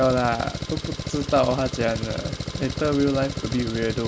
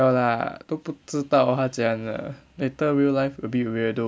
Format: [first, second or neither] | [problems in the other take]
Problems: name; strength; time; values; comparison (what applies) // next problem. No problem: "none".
second | background sound (Engine); 6 dB below the speech